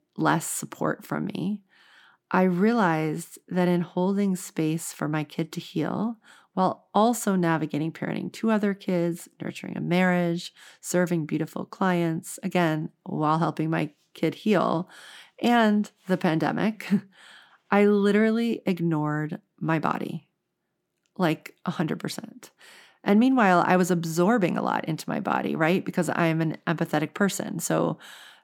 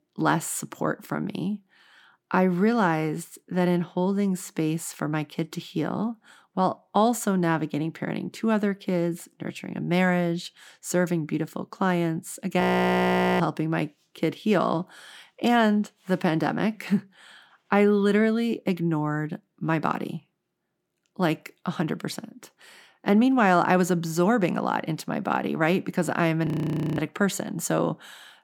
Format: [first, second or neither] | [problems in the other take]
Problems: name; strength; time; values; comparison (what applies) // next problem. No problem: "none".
first | audio freezing; at 13 s for 1 s and at 26 s for 0.5 s